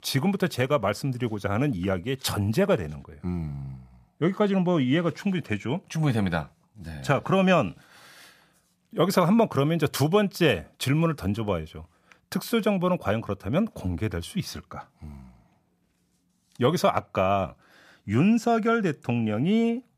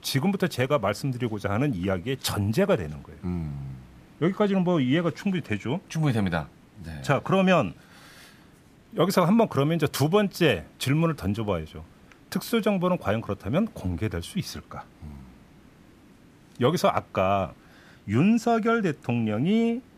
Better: first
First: none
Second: hiss; faint; throughout; 30 dB below the speech

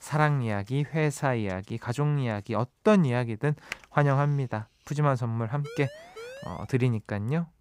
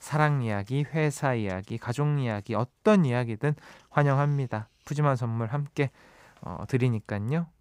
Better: second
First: keyboard typing; very faint; at 3.5 s; peak 15 dB below the speech // siren; faint; from 5.5 to 6.5 s; peak 15 dB below the speech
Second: none

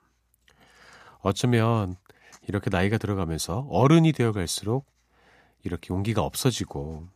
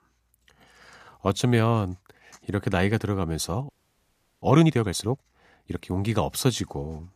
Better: first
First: none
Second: audio freezing; at 3.5 s for 0.5 s

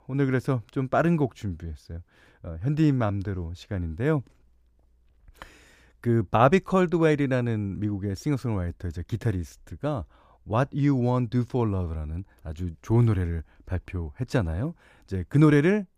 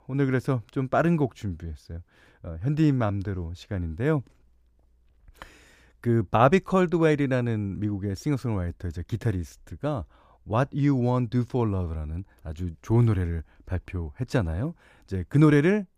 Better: neither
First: none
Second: none

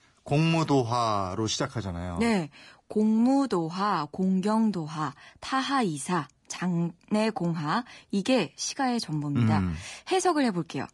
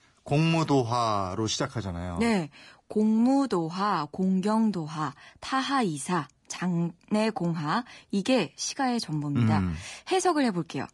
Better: neither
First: garbled, watery; slightly; nothing above 10.5 kHz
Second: garbled, watery; slightly; nothing above 10.5 kHz

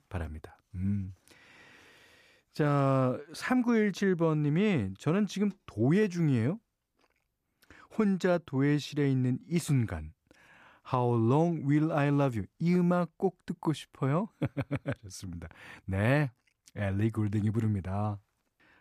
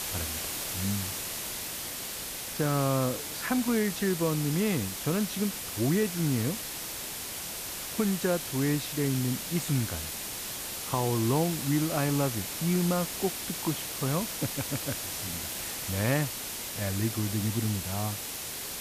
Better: first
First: none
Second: hiss; loud; throughout; 3 dB below the speech

